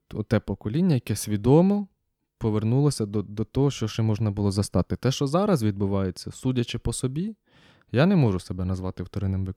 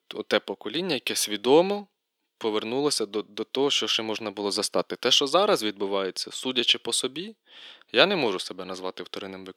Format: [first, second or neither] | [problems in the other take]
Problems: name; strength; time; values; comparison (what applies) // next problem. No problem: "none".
first | thin; very; fading below 350 Hz